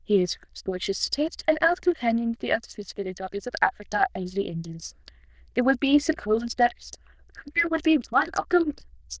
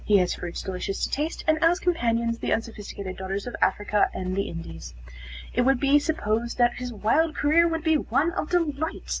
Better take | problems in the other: second | noise reduction (neural diffusion model UNIVERSE++)

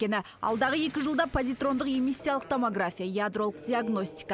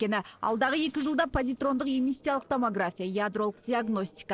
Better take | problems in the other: first | noise reduction (neural separator model SepFormer DNS4)

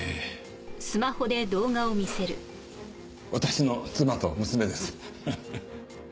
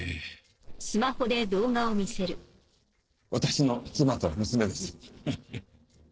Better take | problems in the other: first | noise reduction (neural separator model SepFormer DNS4)

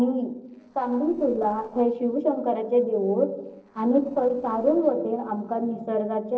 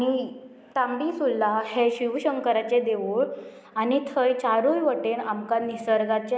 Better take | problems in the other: second | noise reduction (neural separator model SepFormer DNS4)

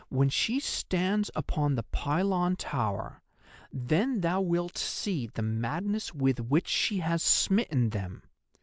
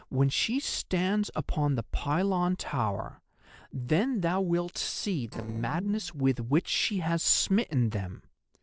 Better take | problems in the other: first | noise reduction (neural separator model SepFormer DNS4)

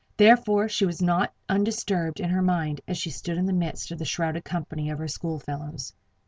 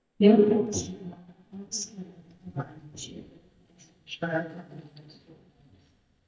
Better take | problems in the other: first | noise reduction (neural mask model DeepFilterNet 3)

